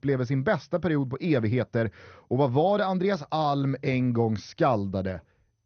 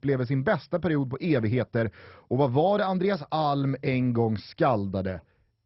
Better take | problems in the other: first | garbled, watery; badly; nothing above 5.5 kHz; slightly in the first

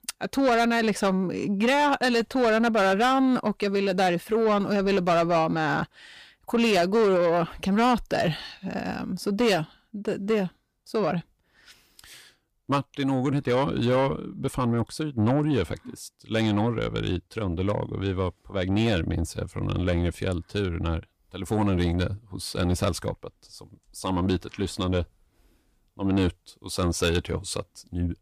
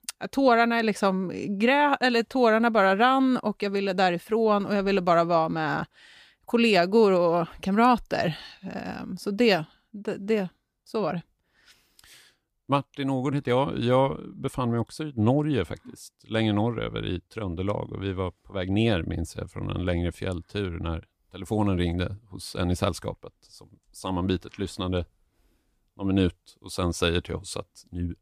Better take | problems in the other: second | distortion; slight; 10 dB below the speech

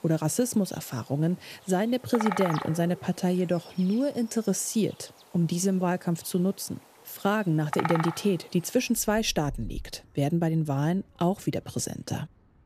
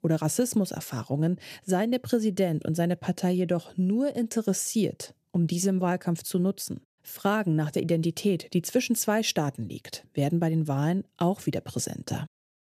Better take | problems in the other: second | animal sounds; loud; throughout; 9 dB below the speech

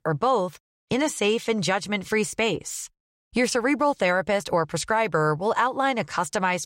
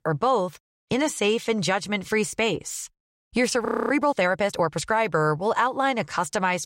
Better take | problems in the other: first | audio freezing; at 3.5 s

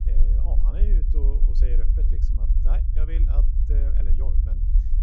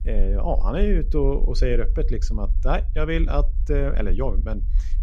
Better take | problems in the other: second | low rumble; loud; throughout; 1 dB below the speech; faint in the second

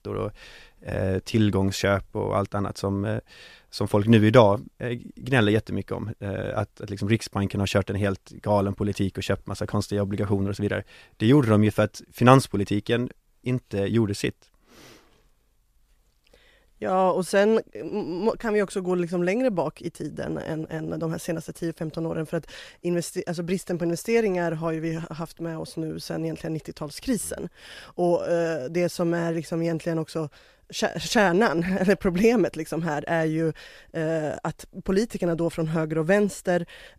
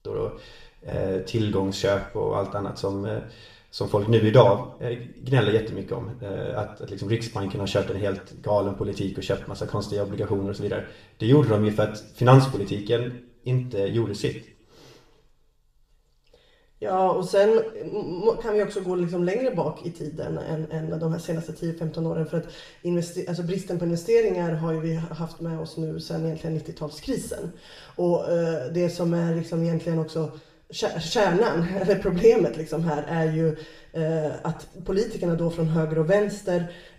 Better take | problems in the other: first | room echo; slight; dies away in 0.6 s // off-mic speech; somewhat distant

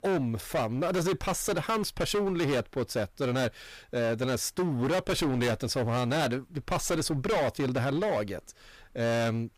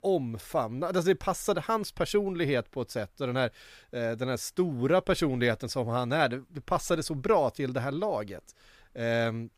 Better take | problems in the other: second | distortion; heavy; 21% of the sound clipped

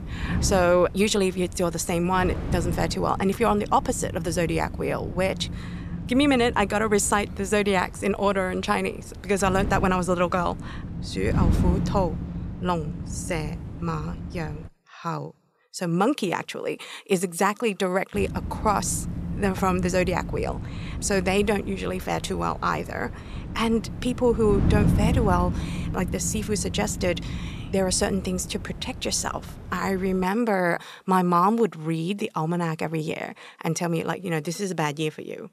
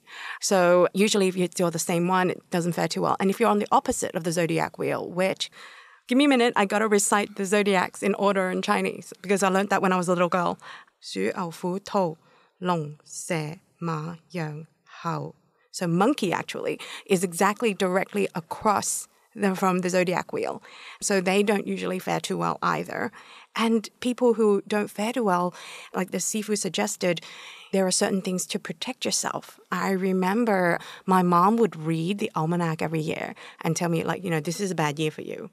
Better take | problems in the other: second | wind noise on the microphone; occasional gusts; until 15 s and from 18 to 30 s; 15 dB below the speech

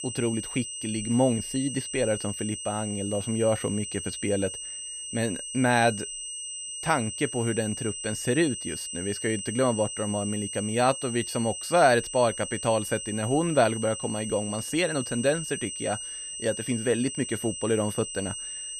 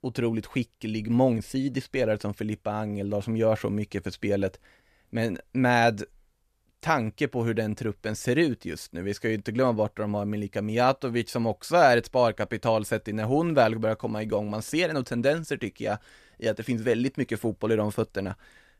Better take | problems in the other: second | high-pitched whine; loud; throughout; 8 kHz, 6 dB below the speech

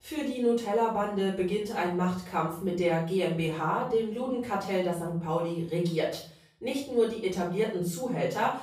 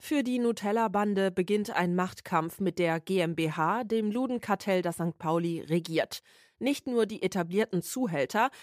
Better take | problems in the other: second | off-mic speech; far // room echo; noticeable; dies away in 0.5 s

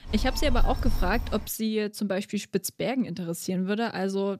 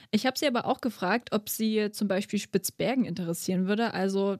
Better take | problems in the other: second | phone ringing; noticeable; until 1.5 s; peak 2 dB below the speech

